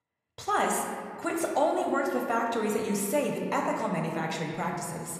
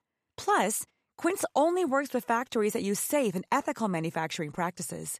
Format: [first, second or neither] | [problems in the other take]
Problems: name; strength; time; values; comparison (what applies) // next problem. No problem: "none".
second | room echo; noticeable; dies away in 1.9 s